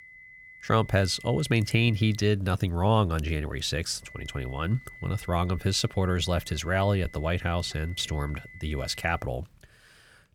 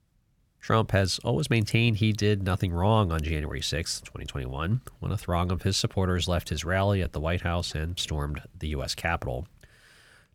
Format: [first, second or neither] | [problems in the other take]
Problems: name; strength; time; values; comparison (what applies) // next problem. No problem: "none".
second | high-pitched whine; noticeable; until 2 s and from 4 to 9 s; 2 kHz, 20 dB below the speech